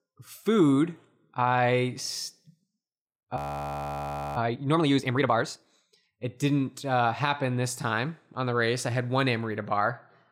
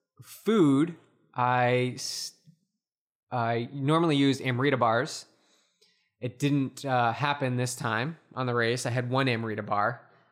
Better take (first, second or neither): second